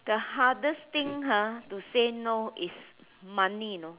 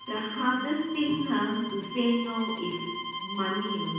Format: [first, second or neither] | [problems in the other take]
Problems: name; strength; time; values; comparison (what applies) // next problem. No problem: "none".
first | background sound (Bowed string instrument); 8 dB below the speech // room echo; dies away in 1.2 s